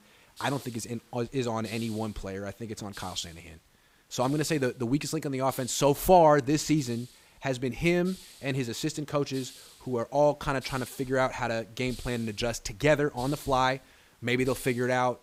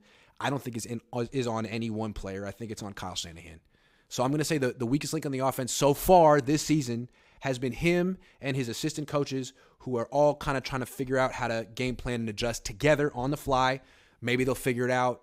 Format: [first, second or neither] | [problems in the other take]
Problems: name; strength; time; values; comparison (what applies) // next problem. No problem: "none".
second | hiss; faint; throughout; 20 dB below the speech